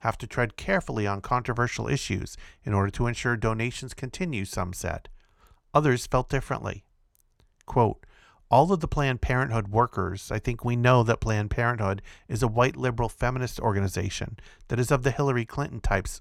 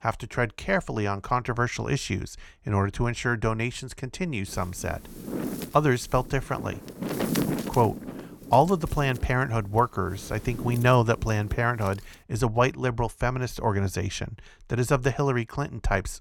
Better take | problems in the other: first | wind noise on the microphone; occasional gusts; from 4.5 to 12 s; 10 dB below the speech

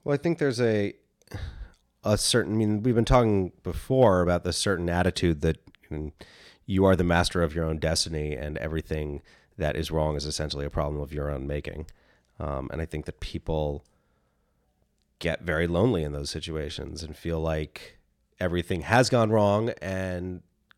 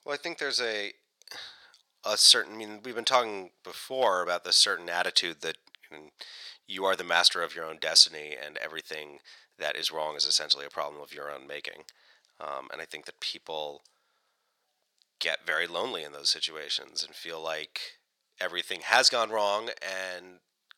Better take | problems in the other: first | thin; very; fading below 850 Hz

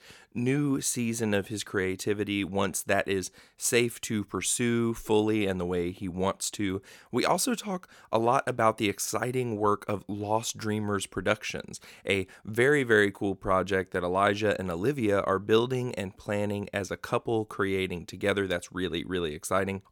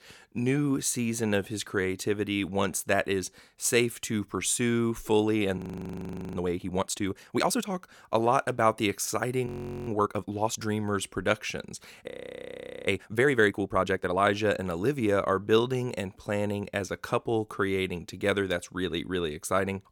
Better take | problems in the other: first | audio freezing; at 5.5 s for 1 s, at 9.5 s and at 12 s for 1 s

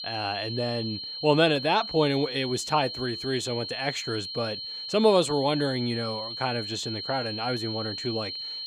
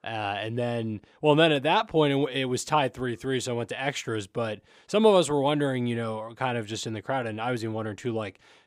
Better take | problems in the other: second | high-pitched whine; loud; throughout; 4 kHz, 6 dB below the speech

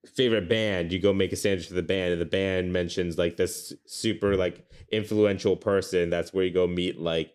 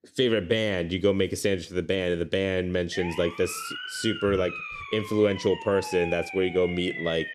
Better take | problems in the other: first | siren; noticeable; from 3 s on; peak 7 dB below the speech

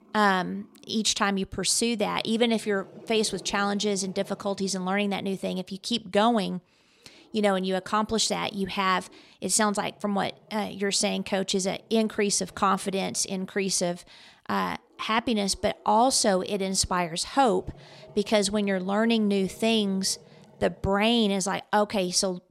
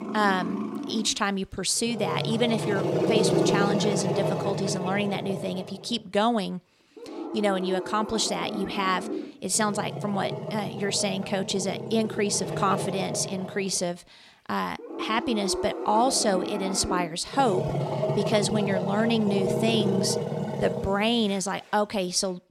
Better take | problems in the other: first | animal sounds; loud; throughout; 4 dB below the speech; faint in the first

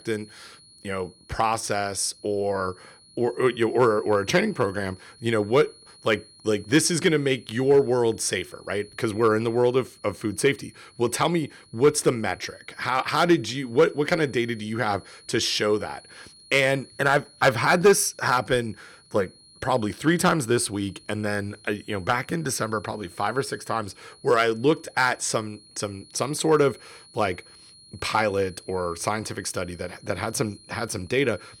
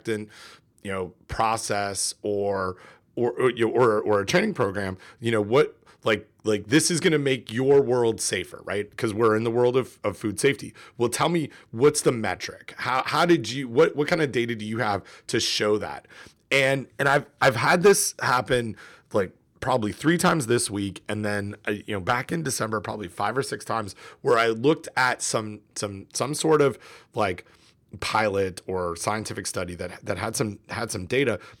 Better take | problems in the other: second | high-pitched whine; faint; throughout; 4.5 kHz, 25 dB below the speech

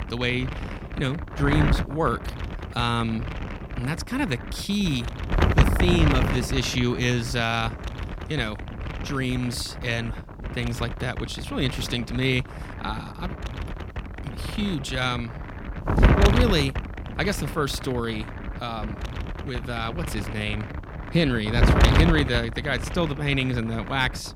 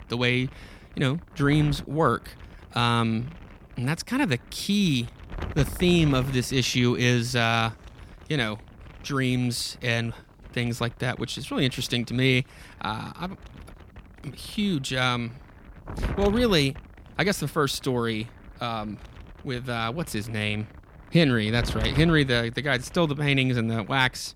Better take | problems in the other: second | wind noise on the microphone; heavy; 5 dB below the speech; occasional gusts in the second

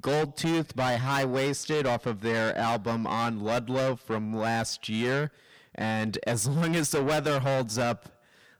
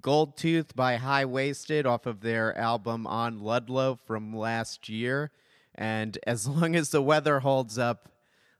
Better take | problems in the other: second | distortion; heavy; 6 dB below the speech

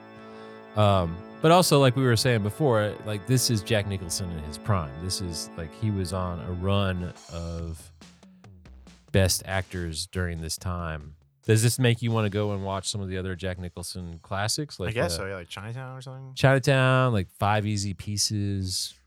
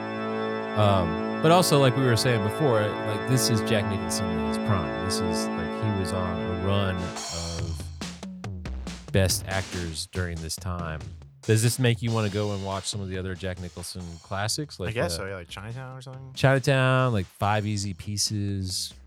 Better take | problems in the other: first | background music; loud; throughout; 5 dB below the speech; faint in the first

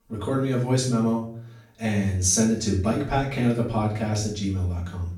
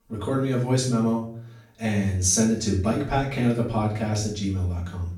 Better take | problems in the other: neither | room echo; noticeable; dies away in 0.4 s; the same in both // off-mic speech; far; the same in both

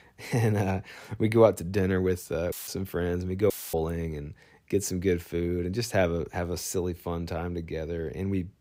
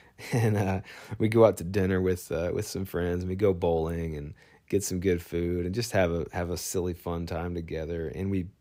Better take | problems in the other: second | audio cutting out; filled with static; at 2.5 s and at 3.5 s

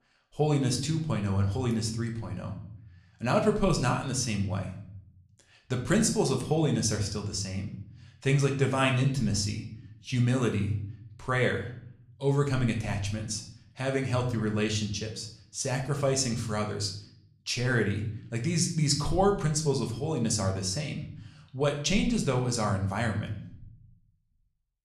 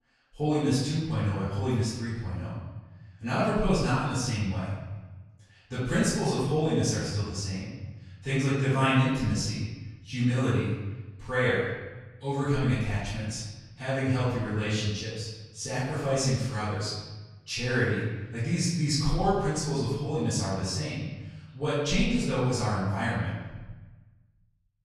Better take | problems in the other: first | room echo; strong; dies away in 1.2 s; slight in the first // off-mic speech; far

